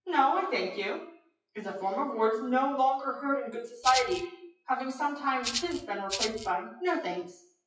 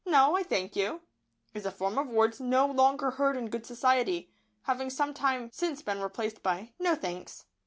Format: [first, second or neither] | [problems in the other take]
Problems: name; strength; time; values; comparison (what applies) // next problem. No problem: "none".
second | noise reduction (classical method WPE with log-MMSE)